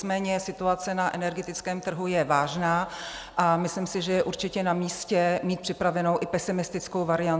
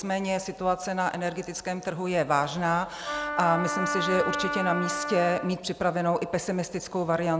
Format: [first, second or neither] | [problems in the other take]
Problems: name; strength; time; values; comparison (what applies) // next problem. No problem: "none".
first | background sound (Wind instrument, woodwind instrument); 4 dB below the speech